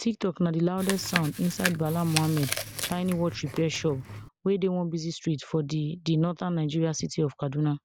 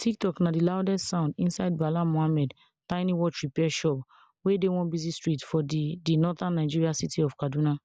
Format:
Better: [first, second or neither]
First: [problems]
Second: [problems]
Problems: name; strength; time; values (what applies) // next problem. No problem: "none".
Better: second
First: background sound (Chewing, mastication); 7 dB below the speech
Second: none